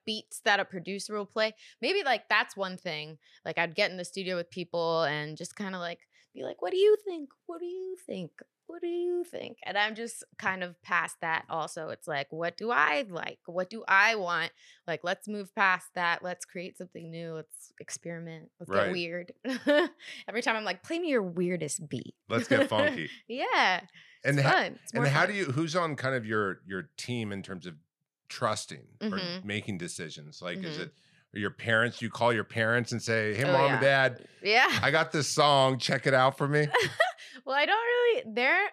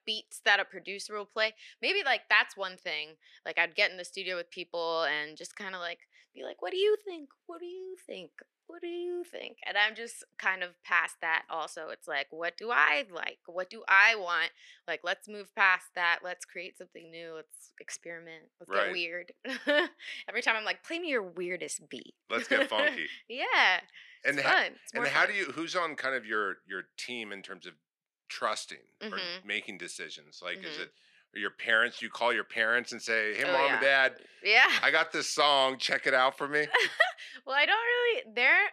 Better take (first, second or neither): first